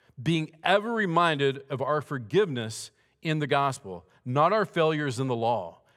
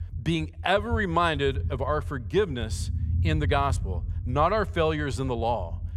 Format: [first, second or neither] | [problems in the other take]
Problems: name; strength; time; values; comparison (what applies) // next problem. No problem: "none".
first | low rumble; faint; throughout; 20 dB below the speech